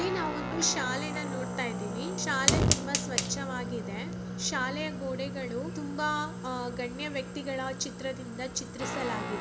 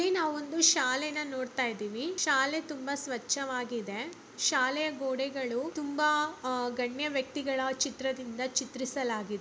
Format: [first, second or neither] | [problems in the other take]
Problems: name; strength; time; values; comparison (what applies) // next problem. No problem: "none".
second | background sound (Guitar + Fire); 1 dB above the speech